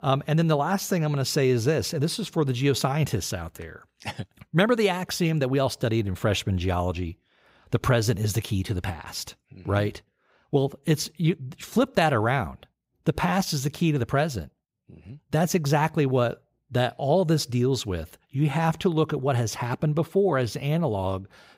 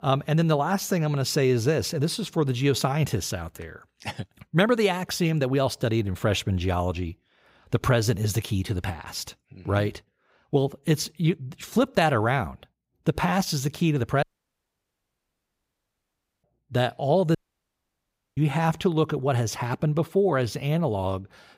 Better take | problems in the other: first | audio cutting out; at 14 s for 2 s and at 17 s for 1 s

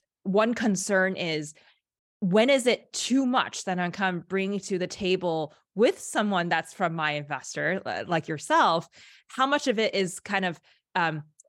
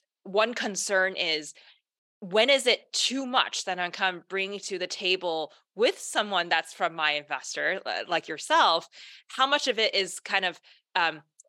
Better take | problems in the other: first | thin; somewhat; fading below 400 Hz

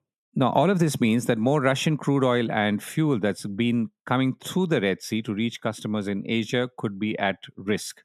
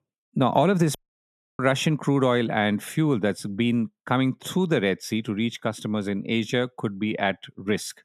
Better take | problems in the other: first | audio cutting out; at 1 s for 0.5 s

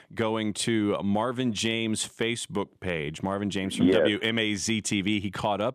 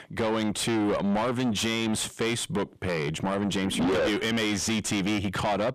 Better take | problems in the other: first | distortion; heavy; 6 dB below the speech

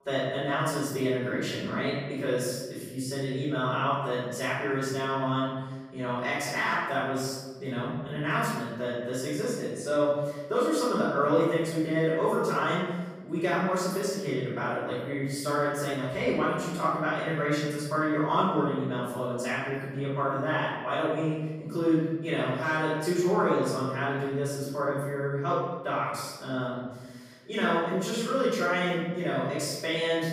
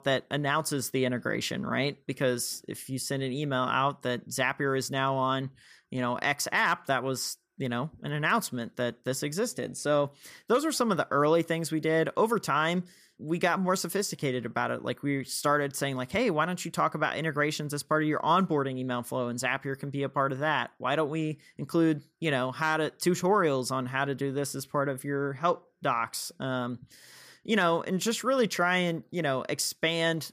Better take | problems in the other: second | off-mic speech; far // room echo; strong; dies away in 1.2 s

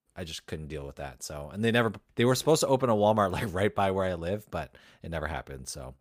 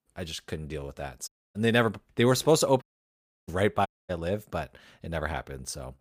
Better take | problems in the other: first | audio cutting out; at 1.5 s, at 3 s for 0.5 s and at 4 s

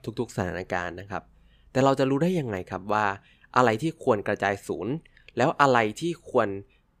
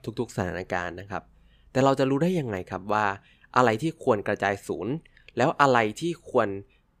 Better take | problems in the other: neither | none

